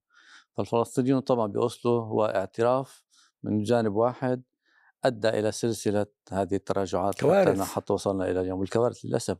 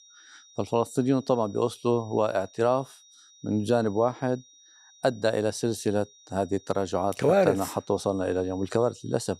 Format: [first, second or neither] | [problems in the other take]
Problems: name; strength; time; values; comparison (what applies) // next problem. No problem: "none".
first | high-pitched whine; faint; throughout; 5.5 kHz, 25 dB below the speech